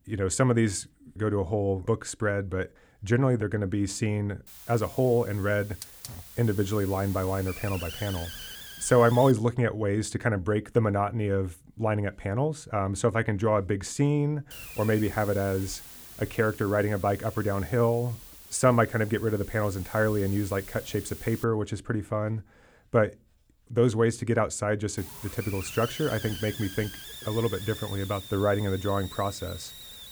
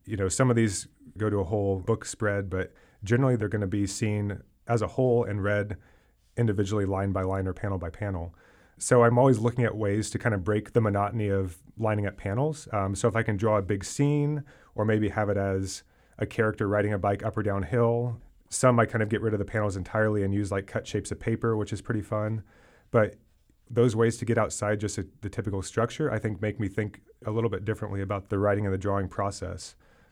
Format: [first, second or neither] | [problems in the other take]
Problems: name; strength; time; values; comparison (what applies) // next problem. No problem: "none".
second | hiss; noticeable; from 4.5 to 9.5 s, from 15 to 21 s and from 25 s on; 15 dB below the speech